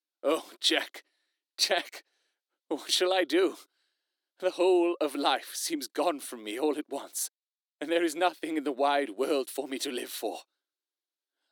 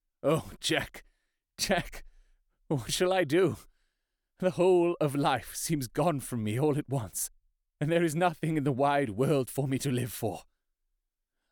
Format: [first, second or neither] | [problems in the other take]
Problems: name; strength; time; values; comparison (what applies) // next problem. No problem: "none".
second | thin; somewhat; fading below 300 Hz